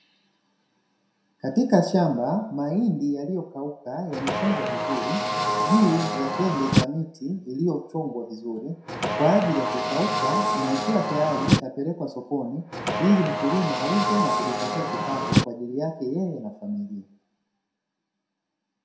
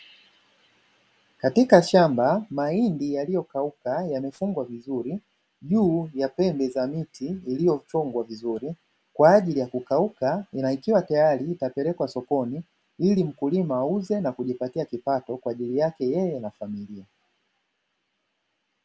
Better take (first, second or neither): second